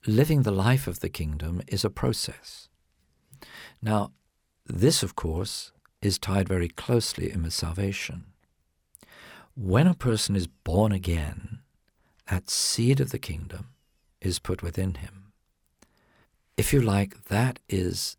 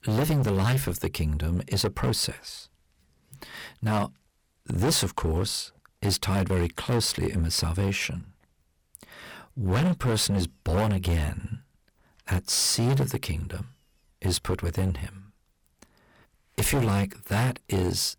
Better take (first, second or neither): first